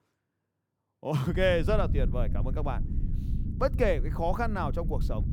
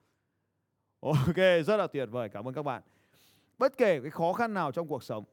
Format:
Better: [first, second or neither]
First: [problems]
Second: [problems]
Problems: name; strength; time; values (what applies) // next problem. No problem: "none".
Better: second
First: low rumble; noticeable; from 1.5 s on; 15 dB below the speech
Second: none